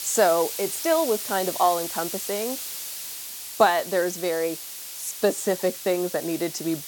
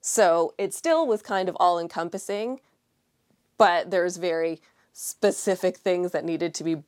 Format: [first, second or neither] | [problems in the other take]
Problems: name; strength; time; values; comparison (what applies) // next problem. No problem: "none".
second | hiss; loud; throughout; 7 dB below the speech